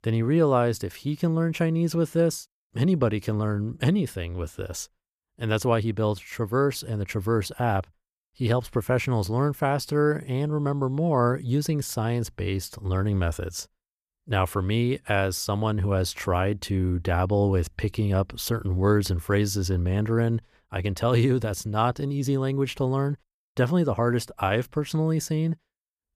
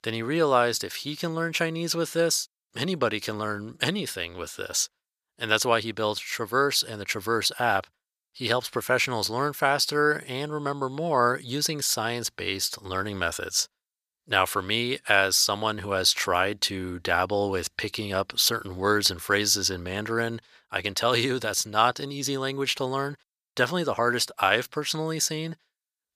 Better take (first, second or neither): first